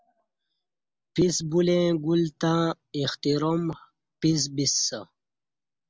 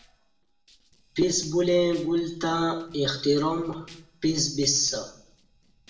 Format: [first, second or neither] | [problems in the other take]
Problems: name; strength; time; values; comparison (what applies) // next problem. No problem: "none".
first | noise reduction (neural separator model SepFormer DNS4)